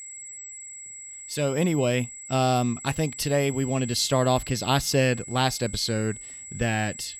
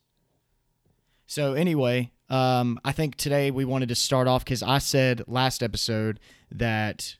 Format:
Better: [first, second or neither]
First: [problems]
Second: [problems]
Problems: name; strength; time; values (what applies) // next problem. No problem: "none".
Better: second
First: high-pitched whine; noticeable; throughout; 8 kHz, 10 dB below the speech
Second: none